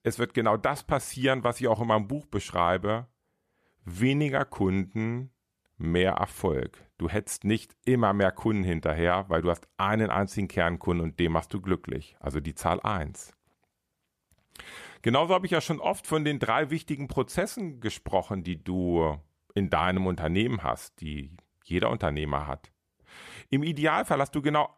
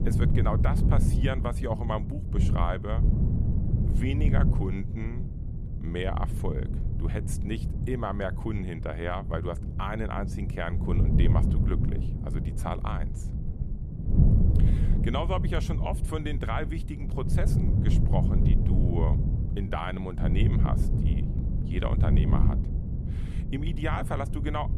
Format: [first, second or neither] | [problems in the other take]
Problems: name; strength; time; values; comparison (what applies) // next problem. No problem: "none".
first | wind noise on the microphone; heavy; 5 dB below the speech